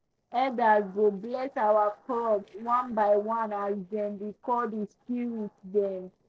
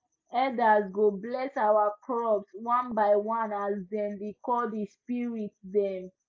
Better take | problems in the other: second | noise reduction (neural separator model SepFormer DNS4)

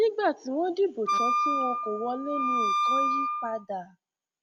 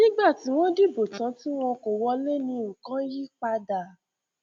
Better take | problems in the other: second | background sound (Wind instrument, woodwind instrument); 3 dB above the speech

